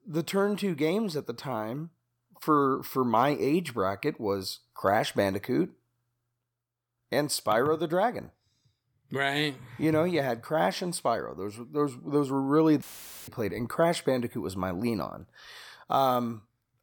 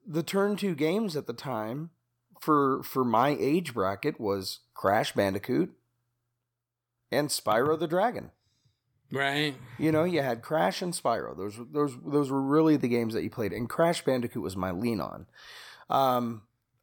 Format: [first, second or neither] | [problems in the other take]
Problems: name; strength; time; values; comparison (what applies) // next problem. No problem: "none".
second | audio cutting out; filled with static; at 13 s